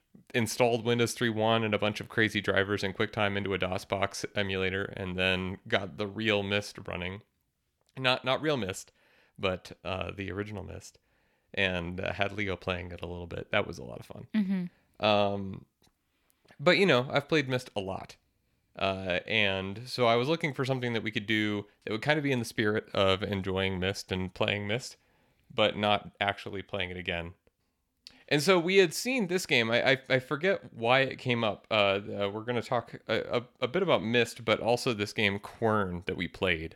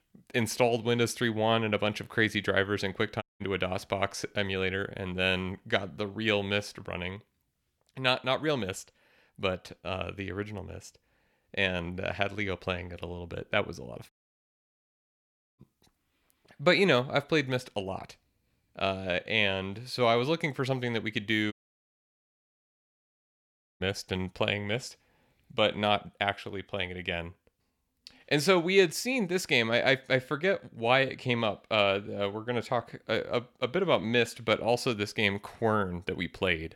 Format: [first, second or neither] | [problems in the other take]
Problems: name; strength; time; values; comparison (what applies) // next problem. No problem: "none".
first | audio cutting out; at 3 s, at 14 s for 1.5 s and at 22 s for 2.5 s